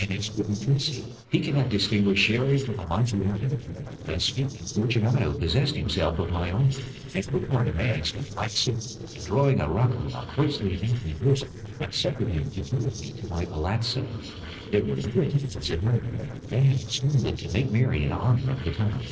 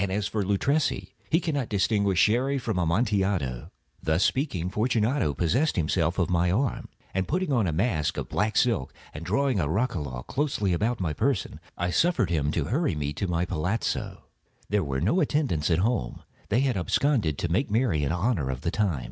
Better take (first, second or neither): second